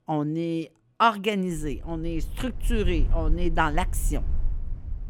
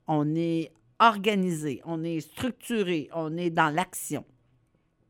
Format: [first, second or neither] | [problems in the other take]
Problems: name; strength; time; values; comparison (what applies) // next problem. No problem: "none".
second | low rumble; faint; from 1.5 s on; 25 dB below the speech